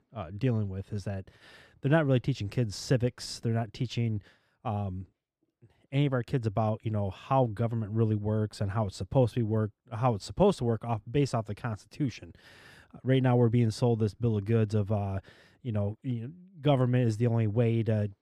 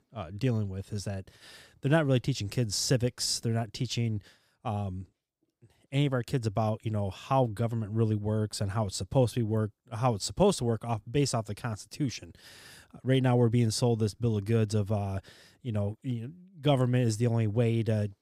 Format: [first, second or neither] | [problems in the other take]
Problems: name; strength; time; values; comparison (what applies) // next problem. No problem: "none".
second | muffled; slightly; fading above 4 kHz